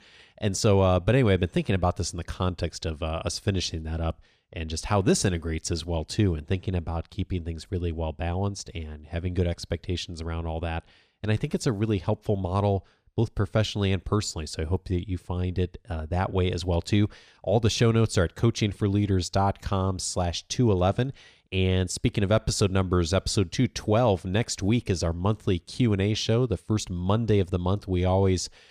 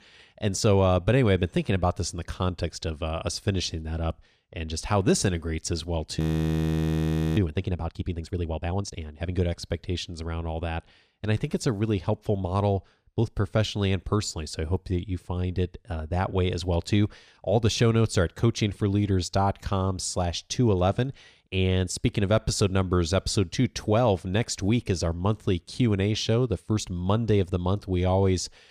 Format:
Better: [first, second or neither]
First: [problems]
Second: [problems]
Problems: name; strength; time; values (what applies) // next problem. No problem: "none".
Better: first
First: none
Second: audio freezing; at 6 s for 1 s